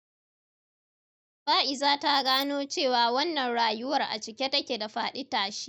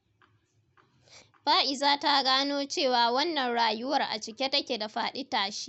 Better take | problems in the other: second | noise reduction (neural mask model DeepFilterNet 3)

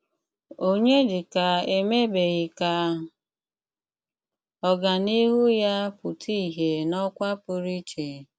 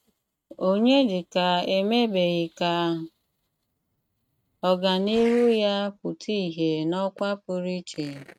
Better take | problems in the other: first | noise reduction (neural mask model RNNoise)

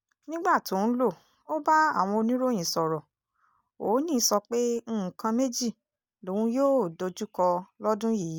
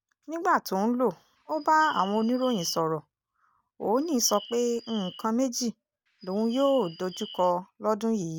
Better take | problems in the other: first | background sound (Bird); 18 dB below the speech

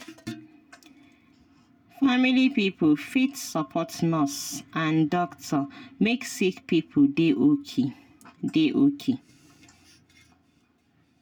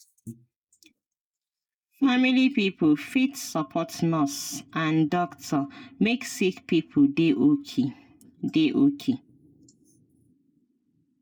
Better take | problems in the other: first | noise reduction (neural mask model Resemble Enhance denoiser)

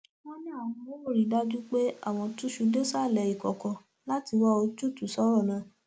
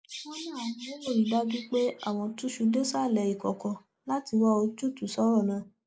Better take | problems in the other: first | noise reduction (neural mask model Resemble Enhance denoiser)

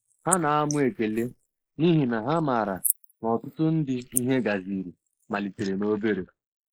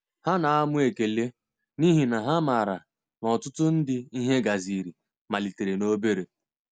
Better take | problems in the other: second | noise reduction (neural mask model Resemble Enhance denoiser)

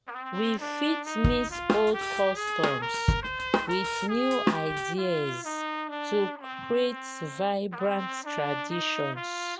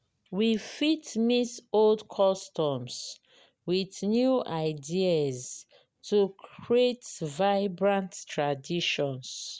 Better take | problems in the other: second | background sound (Trumpet + Drum / Drum kit); 1 dB below the speech

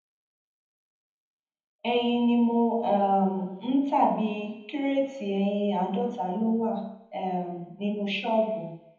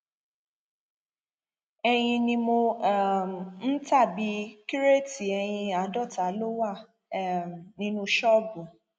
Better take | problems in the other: second | room echo; dies away in 1 s

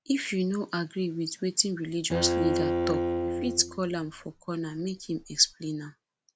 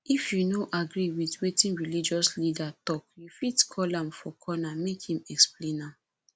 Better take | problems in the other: second | background sound (Bowed string instrument); 1 dB below the speech

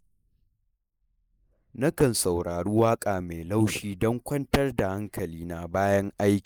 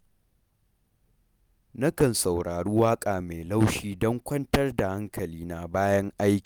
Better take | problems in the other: second | noise reduction (neural mask model Resemble Enhance denoiser)

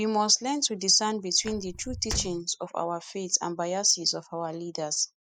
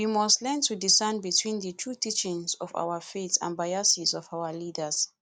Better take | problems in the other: second | noise reduction (classical method spectral subtraction)

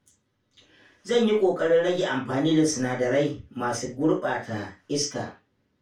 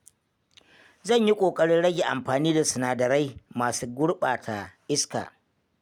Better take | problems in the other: second | room echo; dies away in 0.2 s

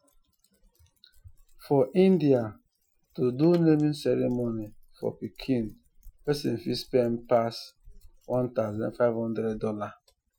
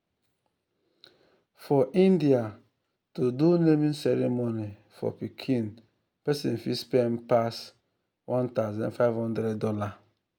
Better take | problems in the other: second | noise reduction (classical method Wiener filter)

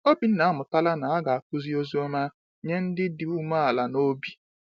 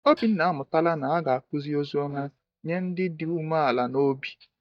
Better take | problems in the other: first | noise reduction (neural mask model DeepFilterNet 3)

